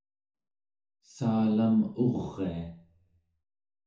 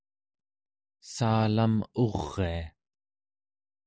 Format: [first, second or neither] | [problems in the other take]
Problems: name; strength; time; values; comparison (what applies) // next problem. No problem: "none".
second | room echo; dies away in 0.7 s